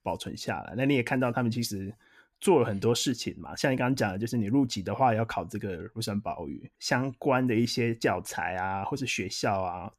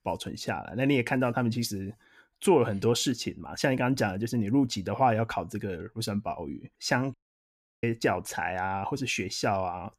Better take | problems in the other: first | audio cutting out; at 7 s for 0.5 s

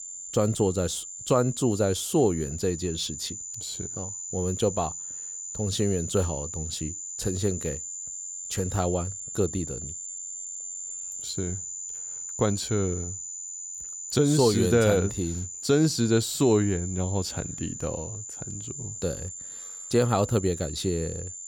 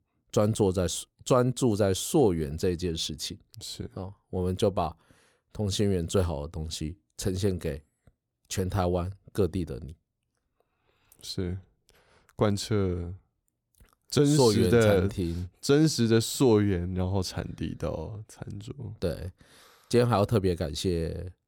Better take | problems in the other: second | high-pitched whine; loud; throughout; 7 kHz, 8 dB below the speech

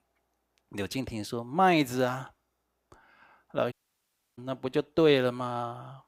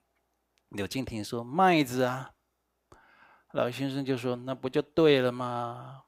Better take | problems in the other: second | audio cutting out; at 3.5 s for 0.5 s

